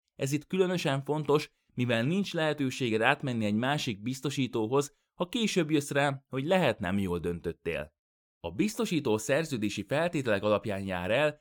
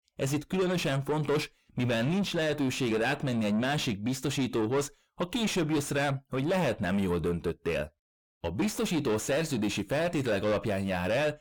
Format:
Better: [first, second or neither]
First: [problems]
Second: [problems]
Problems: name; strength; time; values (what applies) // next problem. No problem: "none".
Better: first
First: none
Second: distortion; heavy; 6 dB below the speech